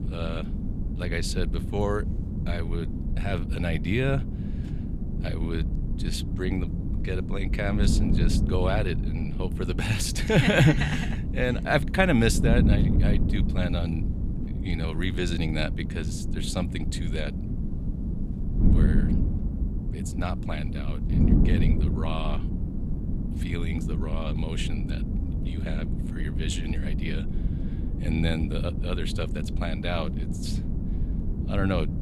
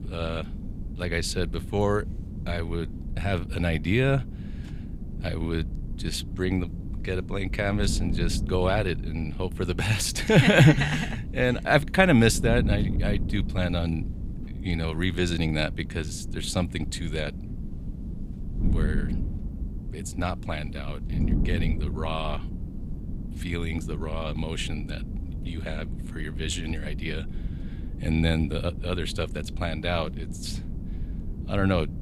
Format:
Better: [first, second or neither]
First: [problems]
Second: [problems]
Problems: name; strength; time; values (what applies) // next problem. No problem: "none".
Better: second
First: wind noise on the microphone; heavy; 8 dB below the speech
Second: wind noise on the microphone; occasional gusts; 15 dB below the speech